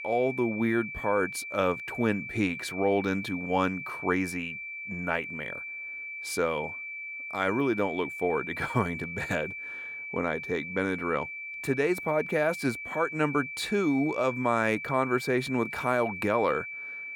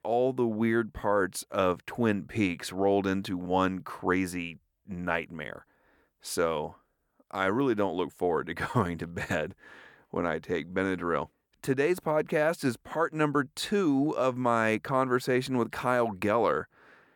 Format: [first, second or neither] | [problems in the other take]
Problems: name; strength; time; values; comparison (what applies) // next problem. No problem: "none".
second | high-pitched whine; loud; throughout; 2.5 kHz, 7 dB below the speech